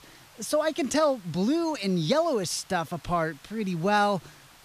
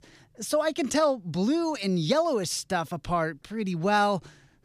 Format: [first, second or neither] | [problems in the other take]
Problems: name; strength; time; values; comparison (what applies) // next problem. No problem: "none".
second | hiss; faint; throughout; 25 dB below the speech